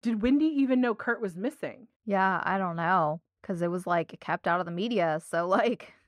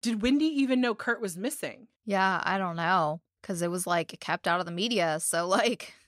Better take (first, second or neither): second